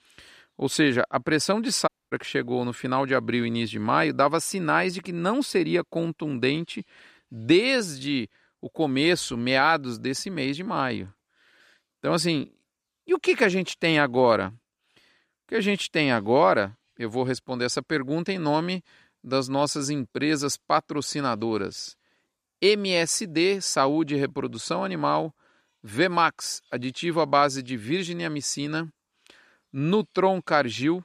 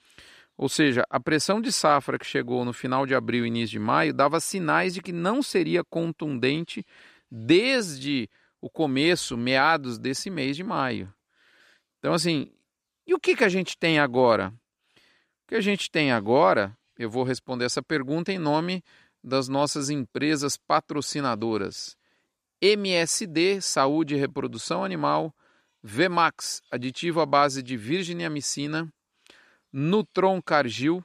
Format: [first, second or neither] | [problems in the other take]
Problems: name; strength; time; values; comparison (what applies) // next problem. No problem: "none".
second | audio cutting out; at 2 s